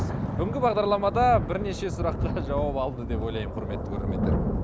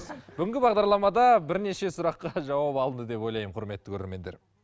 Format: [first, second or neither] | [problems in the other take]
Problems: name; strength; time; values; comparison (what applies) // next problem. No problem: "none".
second | background sound (Thunder / Rain); 1 dB below the speech